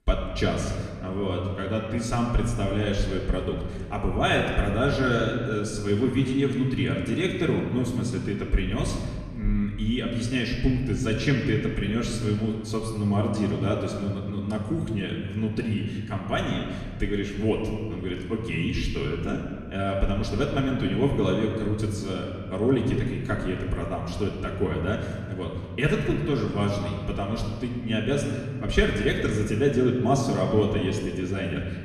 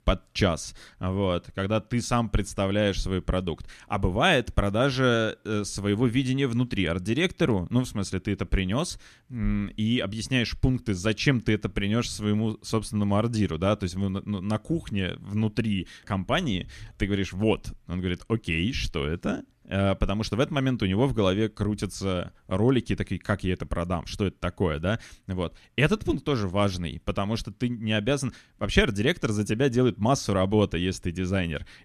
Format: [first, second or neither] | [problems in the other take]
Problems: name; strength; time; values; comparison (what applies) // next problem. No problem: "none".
second | off-mic speech; far // room echo; noticeable; dies away in 1.8 s